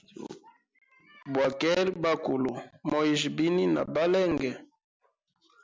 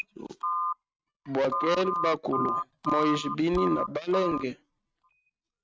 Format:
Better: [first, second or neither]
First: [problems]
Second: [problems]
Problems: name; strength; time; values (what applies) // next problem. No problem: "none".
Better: first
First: none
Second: noise reduction (neural mask model RNNoise)